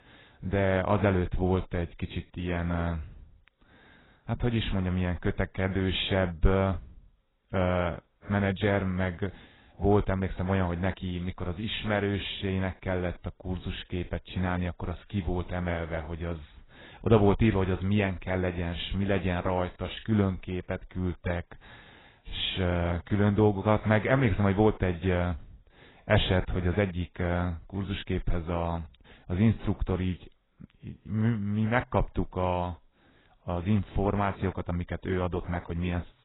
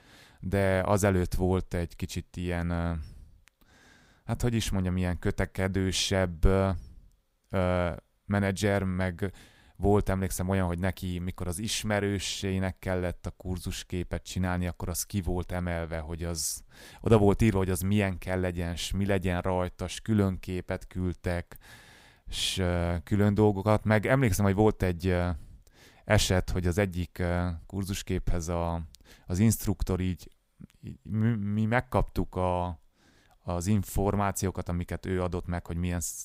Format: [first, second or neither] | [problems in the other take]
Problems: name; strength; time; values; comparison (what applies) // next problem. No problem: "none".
second | garbled, watery; badly; nothing above 4 kHz